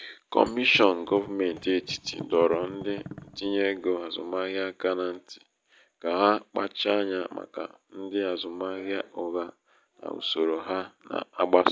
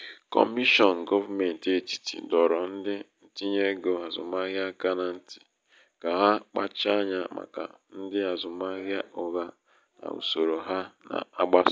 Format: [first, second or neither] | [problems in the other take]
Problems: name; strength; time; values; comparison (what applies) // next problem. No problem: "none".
second | background sound (Thump, thud); 17 dB below the speech